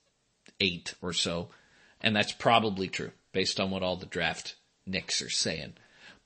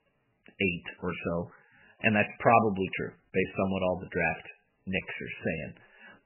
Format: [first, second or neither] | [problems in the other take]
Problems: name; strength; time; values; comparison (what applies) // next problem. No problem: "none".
first | garbled, watery; badly; nothing above 3 kHz; slightly in the first